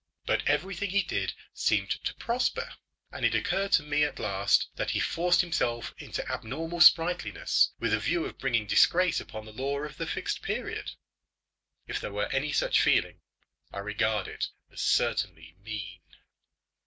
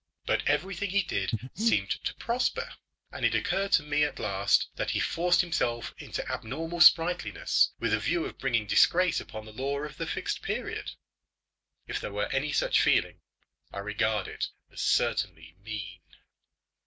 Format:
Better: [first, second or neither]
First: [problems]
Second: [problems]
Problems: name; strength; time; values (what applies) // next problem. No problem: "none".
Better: first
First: none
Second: background sound (Breathing); 2 dB below the speech